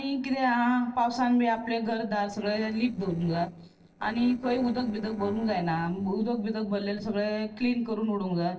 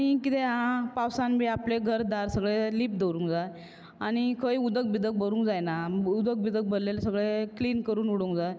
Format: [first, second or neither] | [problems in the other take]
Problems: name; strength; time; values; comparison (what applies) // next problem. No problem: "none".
second | noise reduction (neural separator model SepFormer DNS4)